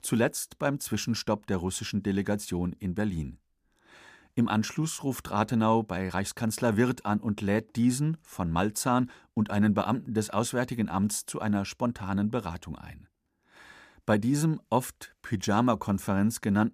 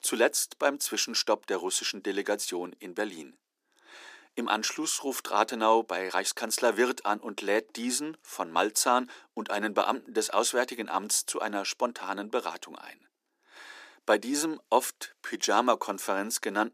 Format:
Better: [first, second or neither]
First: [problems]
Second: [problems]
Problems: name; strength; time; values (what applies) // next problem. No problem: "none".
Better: first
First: none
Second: thin; somewhat; fading below 300 Hz